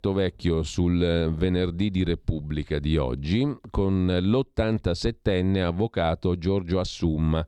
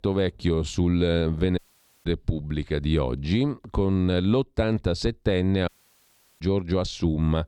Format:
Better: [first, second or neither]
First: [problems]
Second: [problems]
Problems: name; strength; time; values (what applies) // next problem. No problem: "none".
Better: first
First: none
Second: audio cutting out; at 1.5 s and at 5.5 s for 0.5 s